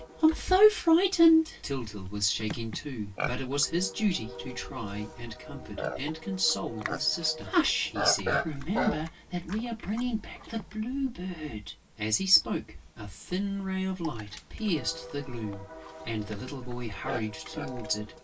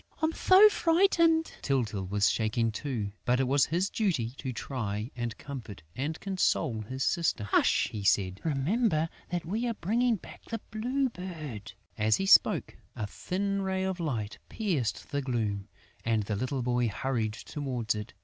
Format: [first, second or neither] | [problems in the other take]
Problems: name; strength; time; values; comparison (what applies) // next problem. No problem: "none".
second | background sound (Livestock, farm animals, working animals); 10 dB below the speech // room echo; dies away in 0.1 s